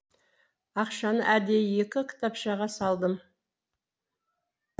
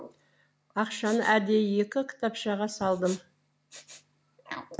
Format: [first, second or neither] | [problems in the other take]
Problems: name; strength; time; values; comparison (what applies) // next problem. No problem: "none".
first | background sound (Respiratory sounds); 19 dB below the speech